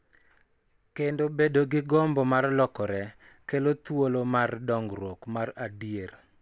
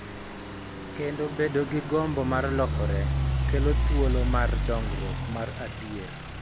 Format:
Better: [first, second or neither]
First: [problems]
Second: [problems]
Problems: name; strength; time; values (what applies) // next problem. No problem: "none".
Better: first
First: none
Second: background sound (Idling / Truck); 3 dB above the speech